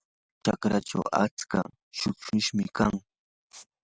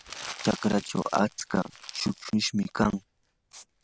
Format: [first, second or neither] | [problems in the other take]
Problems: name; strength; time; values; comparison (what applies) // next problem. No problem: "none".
first | background sound (Crumpling, crinkling); 16 dB below the speech